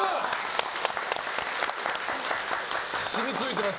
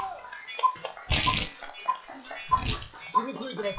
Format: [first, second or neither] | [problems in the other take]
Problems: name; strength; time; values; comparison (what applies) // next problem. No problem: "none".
first | noise reduction (classical method log-MMSE)